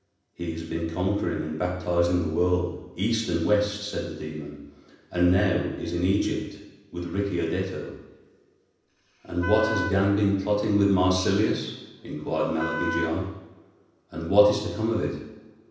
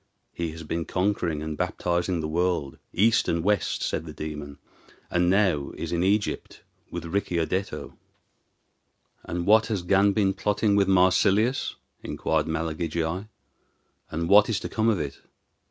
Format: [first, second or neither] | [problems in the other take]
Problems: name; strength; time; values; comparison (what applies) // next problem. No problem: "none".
second | background sound (Wind instrument, woodwind instrument); 8 dB below the speech // room echo; dies away in 0.9 s